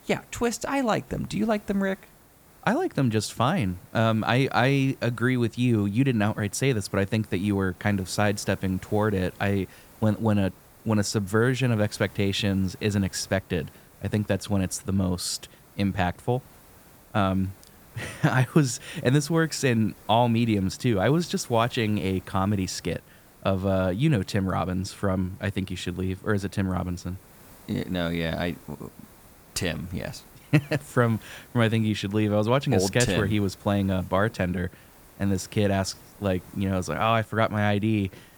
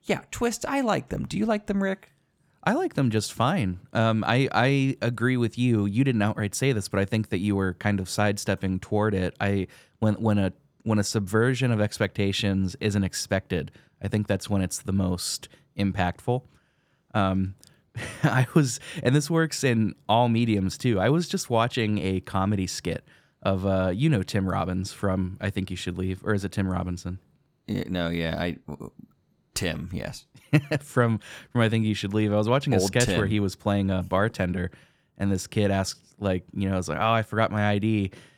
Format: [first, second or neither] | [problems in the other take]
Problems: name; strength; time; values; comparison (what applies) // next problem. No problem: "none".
second | hiss; faint; throughout; 25 dB below the speech